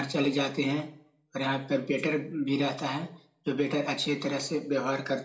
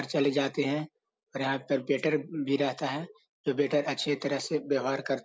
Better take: second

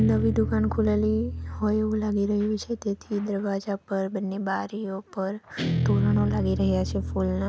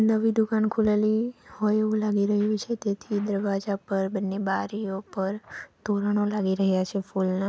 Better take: second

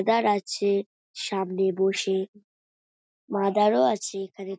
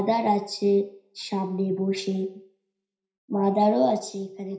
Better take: first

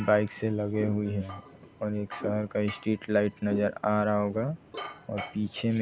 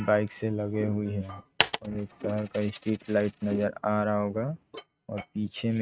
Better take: first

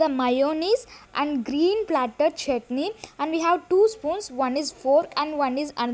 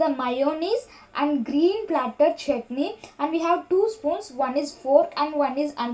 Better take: first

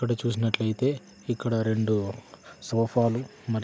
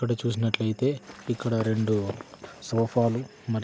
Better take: first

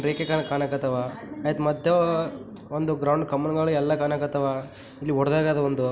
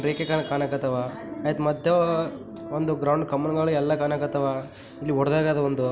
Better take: first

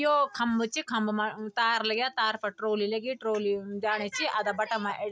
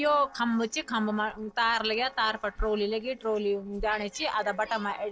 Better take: first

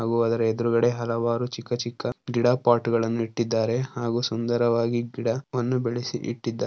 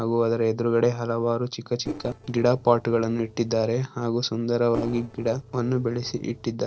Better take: first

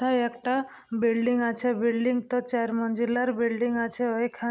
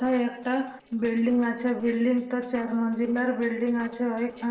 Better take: first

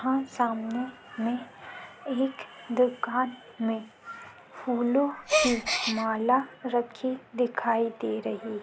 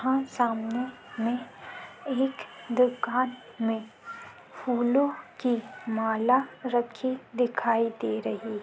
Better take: second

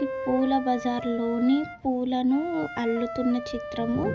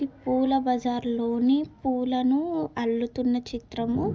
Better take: second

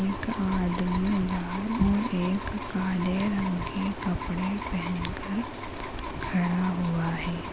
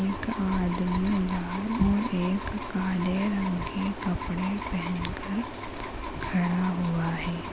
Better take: second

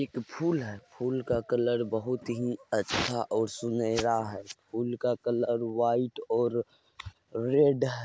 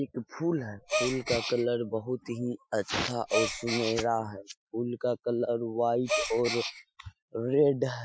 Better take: first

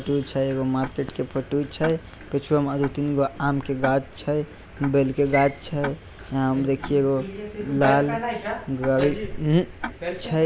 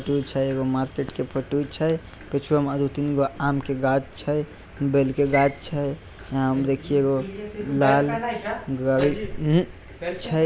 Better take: second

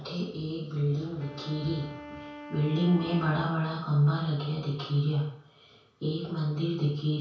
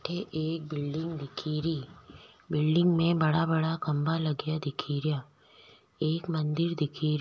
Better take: second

